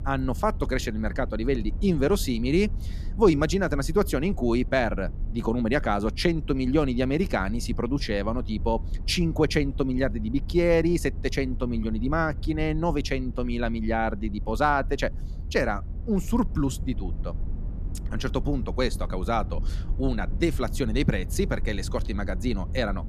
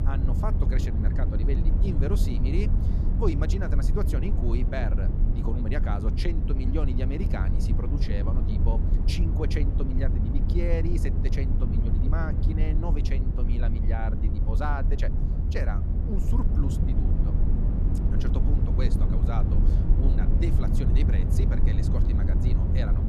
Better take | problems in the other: first | low rumble; loud; throughout; 2 dB below the speech; faint in the first

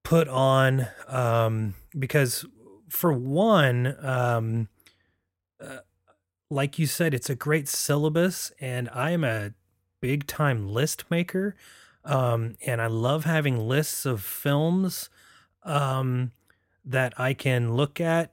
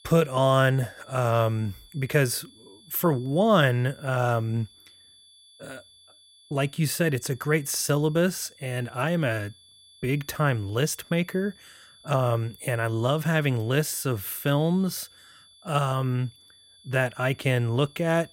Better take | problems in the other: first | high-pitched whine; faint; throughout; 3.5 kHz, 25 dB below the speech

